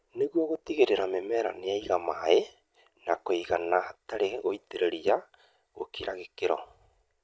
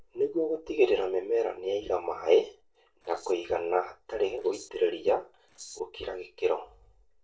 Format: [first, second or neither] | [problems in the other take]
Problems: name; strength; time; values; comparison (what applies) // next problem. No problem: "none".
first | noise reduction (neural separator model SepFormer DNS4)